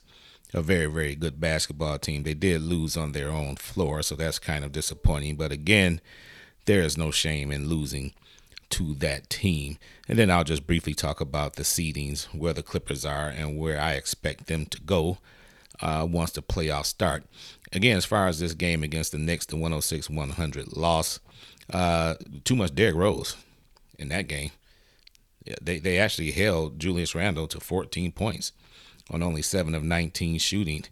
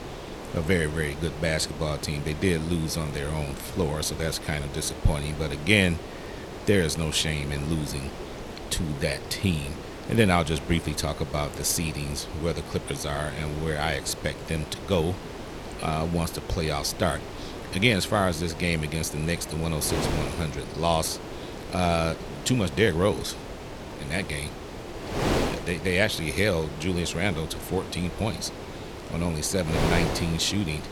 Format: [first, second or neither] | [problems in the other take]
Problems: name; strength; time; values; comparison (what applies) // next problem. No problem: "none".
first | wind noise on the microphone; heavy; 9 dB below the speech